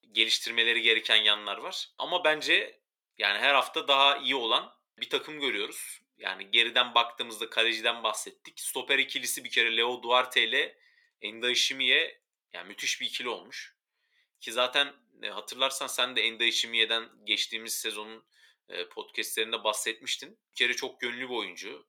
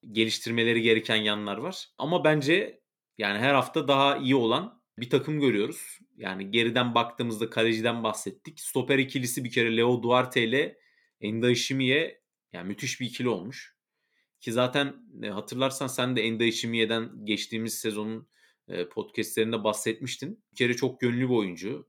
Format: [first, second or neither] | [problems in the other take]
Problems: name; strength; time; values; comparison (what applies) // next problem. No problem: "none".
second | thin; very; fading below 650 Hz